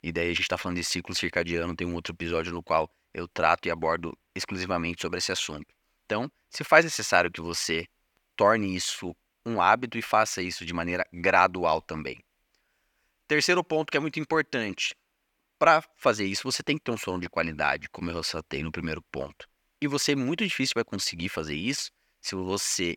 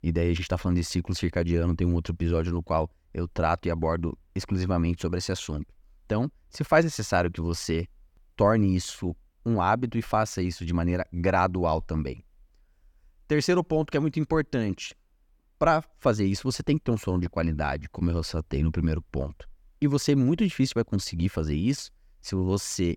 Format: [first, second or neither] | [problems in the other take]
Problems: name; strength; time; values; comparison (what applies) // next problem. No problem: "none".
second | thin; somewhat; fading below 700 Hz